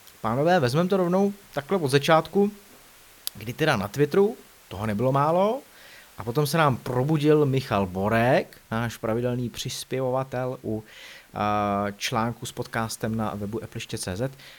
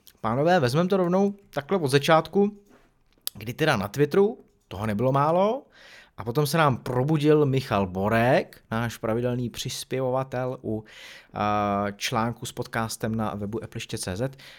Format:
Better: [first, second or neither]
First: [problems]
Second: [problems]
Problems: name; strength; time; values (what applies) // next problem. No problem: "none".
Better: second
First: hiss; faint; throughout; 25 dB below the speech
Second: none